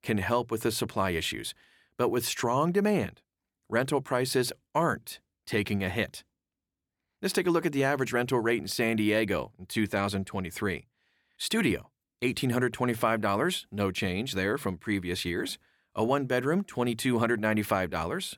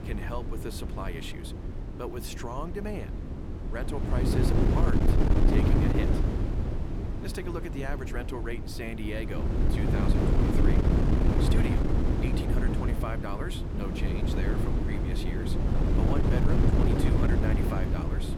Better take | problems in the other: first | wind noise on the microphone; heavy; 3 dB above the speech

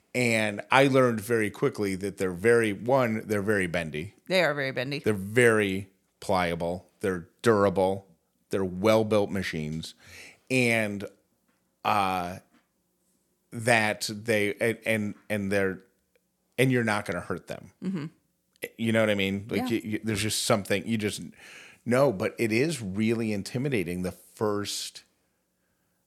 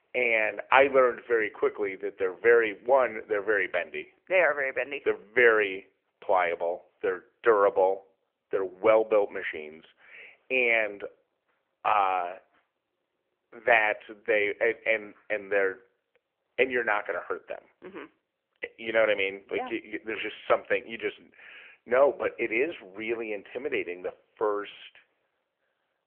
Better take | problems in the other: first | phone-call audio

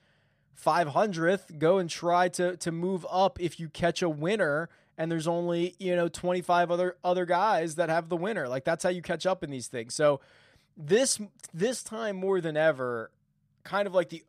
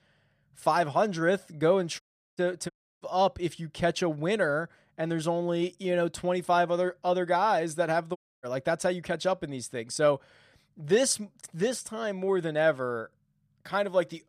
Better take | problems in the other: first | audio cutting out; at 2 s, at 2.5 s and at 8 s

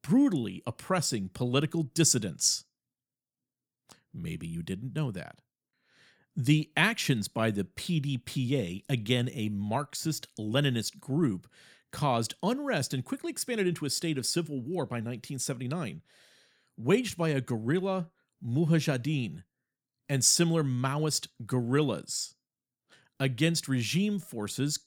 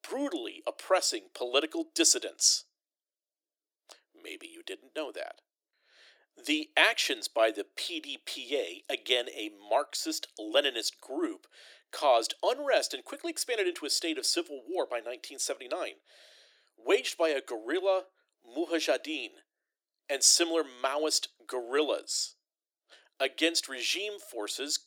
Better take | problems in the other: first | thin; very; fading below 300 Hz

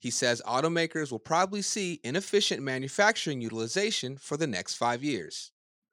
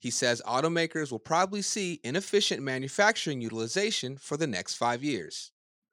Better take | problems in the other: neither | none

